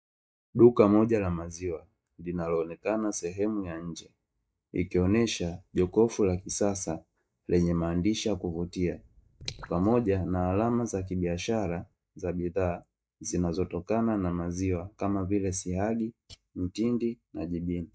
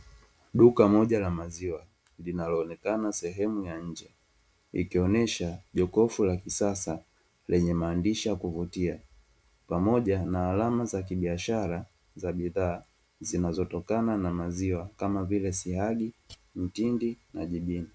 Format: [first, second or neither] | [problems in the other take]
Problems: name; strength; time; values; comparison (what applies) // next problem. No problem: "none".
second | noise reduction (neural mask model DeepFilterNet 3)